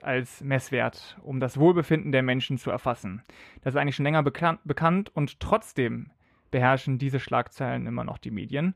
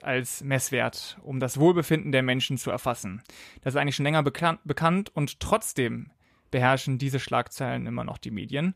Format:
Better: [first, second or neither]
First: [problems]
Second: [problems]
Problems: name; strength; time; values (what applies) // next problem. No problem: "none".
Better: second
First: muffled; slightly; fading above 4 kHz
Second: none